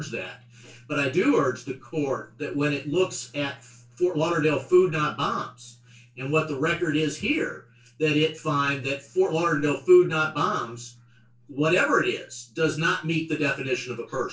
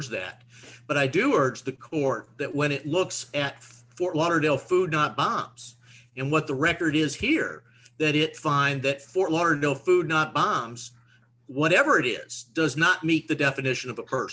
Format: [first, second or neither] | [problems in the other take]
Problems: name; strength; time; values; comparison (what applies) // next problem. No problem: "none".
second | room echo; dies away in 0.2 s